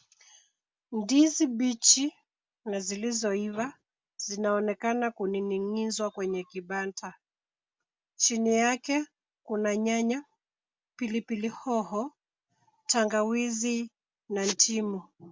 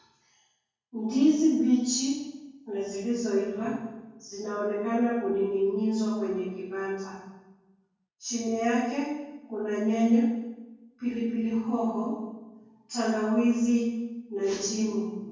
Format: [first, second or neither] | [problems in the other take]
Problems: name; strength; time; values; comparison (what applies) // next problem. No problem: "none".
first | room echo; dies away in 1.3 s